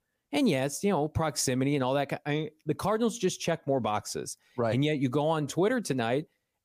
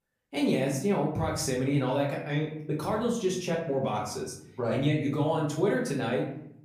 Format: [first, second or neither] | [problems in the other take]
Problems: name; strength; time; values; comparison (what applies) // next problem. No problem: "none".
first | off-mic speech; far // room echo; slight; dies away in 0.7 s